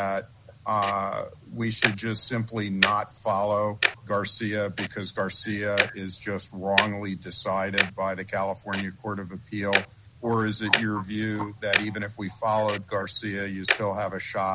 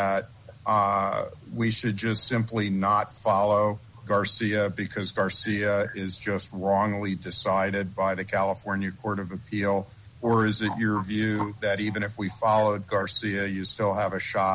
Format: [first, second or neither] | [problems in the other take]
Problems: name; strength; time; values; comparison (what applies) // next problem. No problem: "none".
second | background sound (Tick-tock); 4 dB below the speech